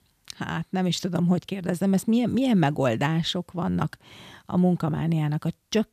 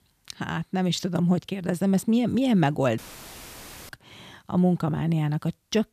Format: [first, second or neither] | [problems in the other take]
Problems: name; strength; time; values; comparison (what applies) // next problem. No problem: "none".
first | audio cutting out; filled with static; at 3 s for 1 s